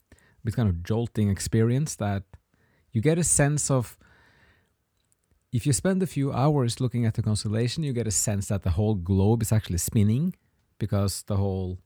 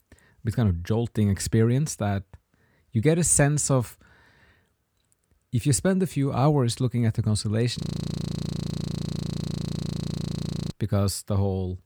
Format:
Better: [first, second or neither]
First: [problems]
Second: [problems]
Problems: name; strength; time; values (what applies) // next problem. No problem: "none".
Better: first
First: none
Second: audio freezing; at 8 s for 3 s